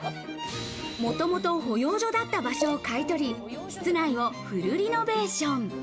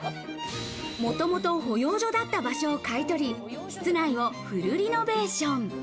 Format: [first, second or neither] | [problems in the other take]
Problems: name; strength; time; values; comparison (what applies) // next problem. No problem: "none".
second | background sound (Liquid); 12 dB below the speech